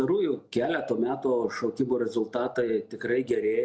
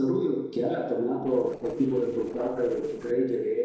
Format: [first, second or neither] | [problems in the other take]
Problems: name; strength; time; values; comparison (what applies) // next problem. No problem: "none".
first | noise reduction (neural separator model SepFormer DNS4)